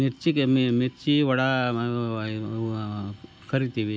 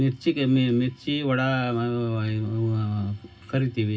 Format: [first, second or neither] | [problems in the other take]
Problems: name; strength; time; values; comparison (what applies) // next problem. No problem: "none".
first | room echo; dies away in 0.4 s